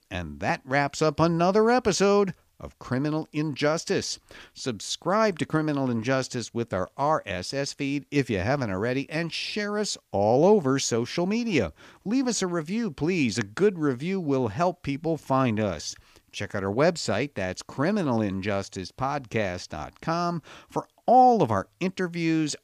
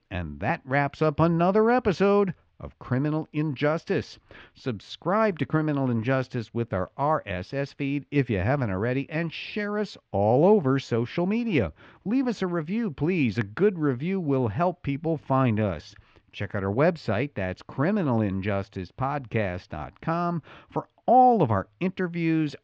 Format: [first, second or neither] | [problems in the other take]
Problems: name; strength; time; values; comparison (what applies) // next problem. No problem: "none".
first | muffled; slightly; fading above 3 kHz